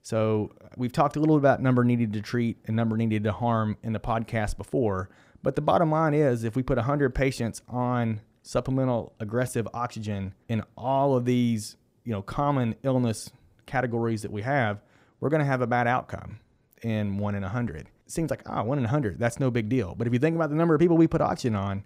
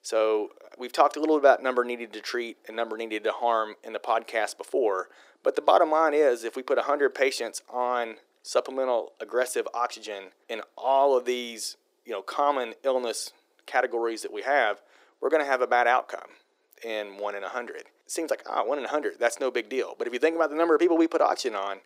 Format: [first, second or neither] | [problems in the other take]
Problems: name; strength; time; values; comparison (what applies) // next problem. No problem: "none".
first | thin; very; fading below 350 Hz